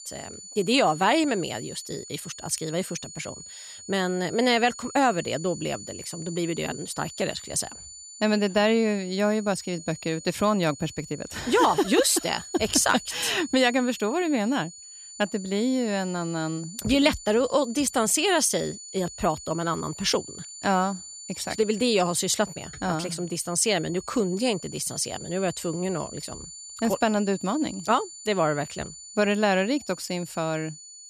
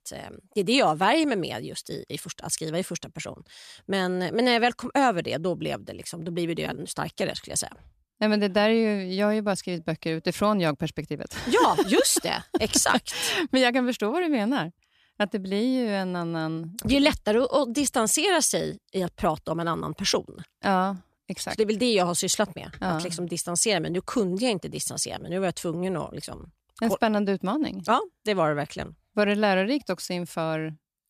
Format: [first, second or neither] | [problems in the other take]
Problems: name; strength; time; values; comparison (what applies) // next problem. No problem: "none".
second | high-pitched whine; noticeable; throughout; 7 kHz, 15 dB below the speech